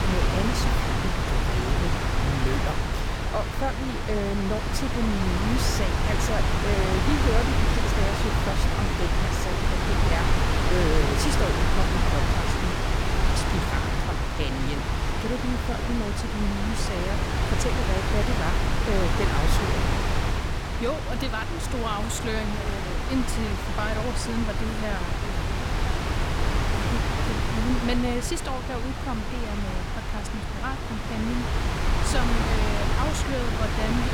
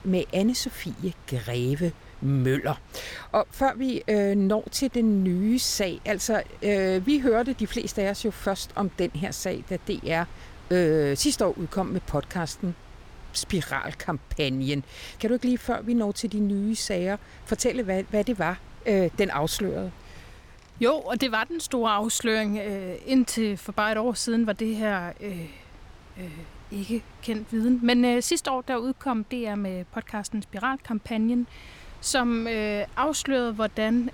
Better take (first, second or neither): second